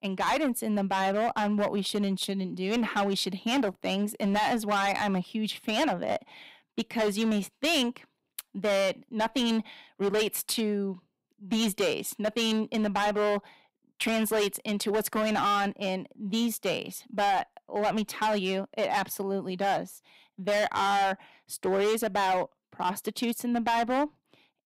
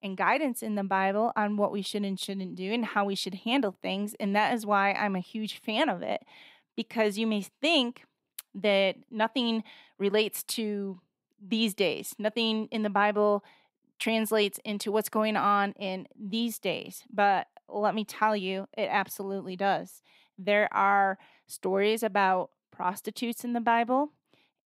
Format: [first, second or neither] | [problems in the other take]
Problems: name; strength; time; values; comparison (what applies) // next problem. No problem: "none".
second | distortion; heavy; 11% of the sound clipped